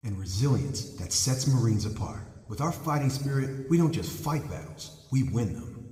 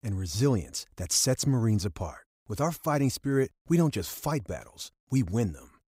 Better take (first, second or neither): second